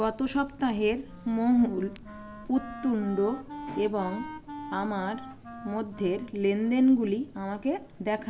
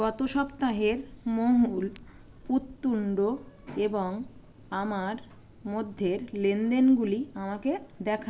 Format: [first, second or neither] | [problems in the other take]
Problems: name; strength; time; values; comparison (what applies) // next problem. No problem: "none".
second | background sound (Wind instrument, woodwind instrument); 16 dB below the speech